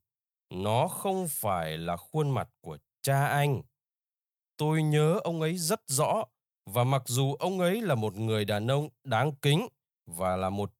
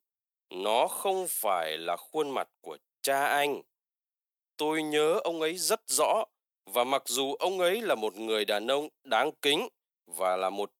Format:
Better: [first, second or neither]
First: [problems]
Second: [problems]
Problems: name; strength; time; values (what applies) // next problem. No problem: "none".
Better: first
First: none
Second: thin; very; fading below 300 Hz